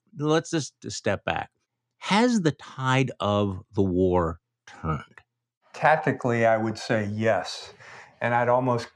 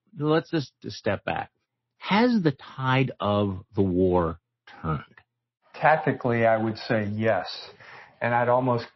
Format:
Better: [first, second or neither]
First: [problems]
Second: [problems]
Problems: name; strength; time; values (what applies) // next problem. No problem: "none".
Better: first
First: none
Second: garbled, watery; slightly; nothing above 5.5 kHz